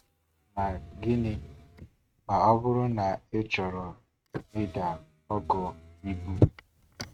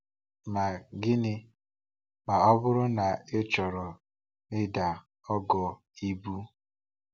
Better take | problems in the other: second | noise reduction (neural mask model RNNoise)

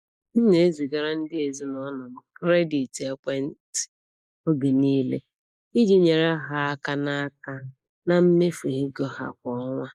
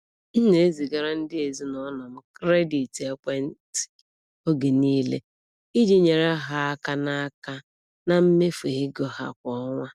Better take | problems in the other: second | noise reduction (neural mask model Resemble Enhance denoiser)

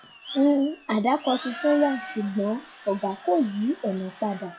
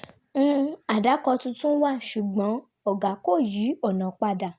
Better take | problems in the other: second | noise reduction (classical method WPE with log-MMSE)

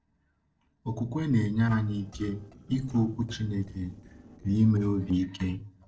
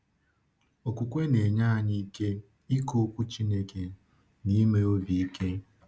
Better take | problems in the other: second | noise reduction (neural separator model SepFormer DNS4)

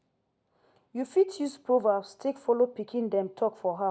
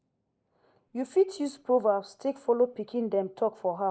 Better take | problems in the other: first | noise reduction (neural mask model Resemble Enhance denoiser)

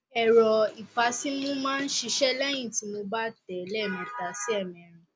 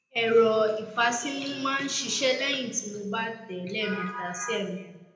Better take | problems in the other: first | room echo; dies away in 0.8 s

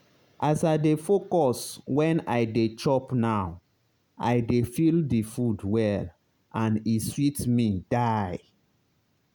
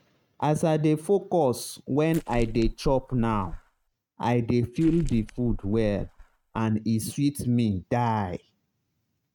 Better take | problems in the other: first | noise reduction (neural mask model RNNoise)

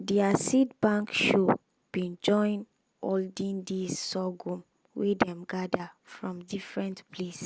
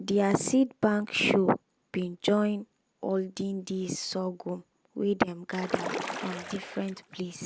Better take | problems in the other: first | background sound (Splash, splatter); 9 dB below the speech

